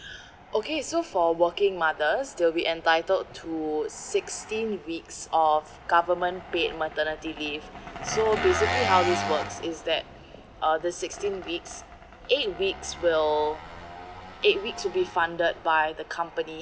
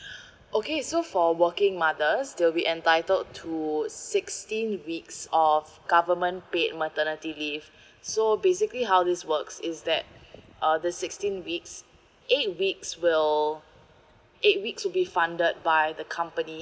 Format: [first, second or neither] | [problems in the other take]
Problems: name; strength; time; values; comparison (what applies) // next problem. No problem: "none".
second | background sound (Engine); 10 dB below the speech